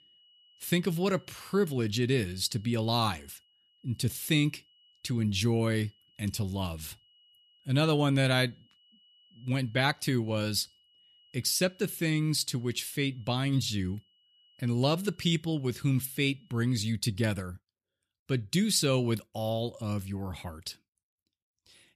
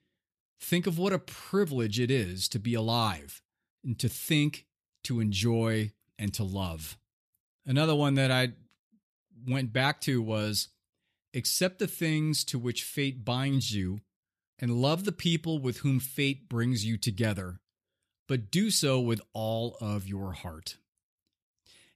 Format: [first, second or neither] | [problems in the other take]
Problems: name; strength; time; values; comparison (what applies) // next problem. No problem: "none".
second | high-pitched whine; faint; until 17 s; 3 kHz, 30 dB below the speech